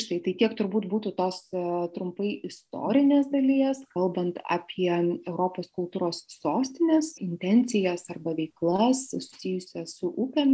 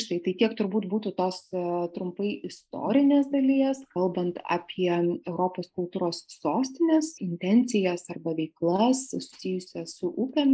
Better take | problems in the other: first | noise reduction (neural mask model Resemble Enhance denoiser)

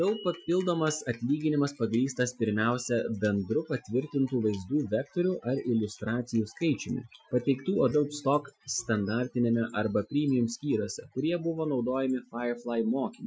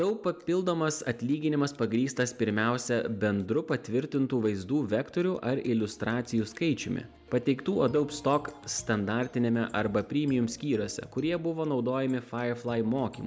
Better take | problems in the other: second | noise reduction (classical method Wiener filter)

